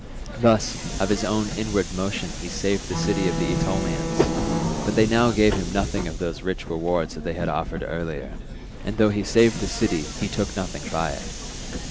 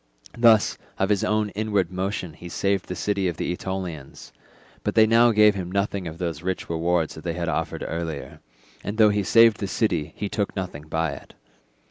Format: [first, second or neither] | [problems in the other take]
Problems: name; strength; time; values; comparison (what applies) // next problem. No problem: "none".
second | background sound (Subway, metro, underground + Bowed string instrument); 4 dB below the speech